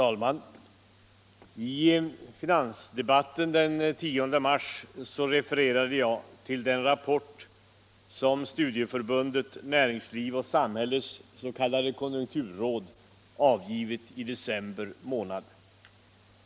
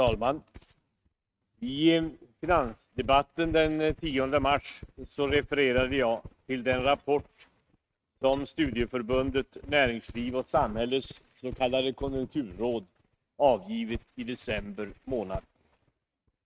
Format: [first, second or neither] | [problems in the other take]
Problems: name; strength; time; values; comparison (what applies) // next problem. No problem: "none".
first | noise reduction (neural mask model RNNoise)